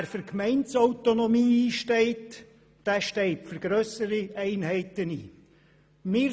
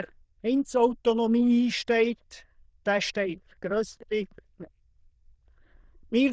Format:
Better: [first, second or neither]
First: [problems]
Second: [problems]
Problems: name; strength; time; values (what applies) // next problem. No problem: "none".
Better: first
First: none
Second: noise reduction (neural diffusion model UNIVERSE++)